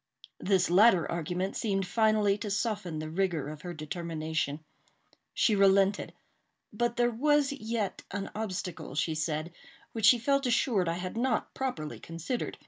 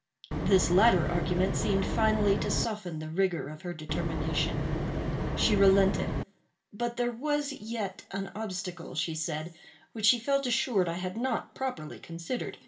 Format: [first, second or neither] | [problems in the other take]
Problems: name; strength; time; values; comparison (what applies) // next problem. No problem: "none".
first | background sound (Wind); as loud as the speech // room echo; dies away in 0.8 s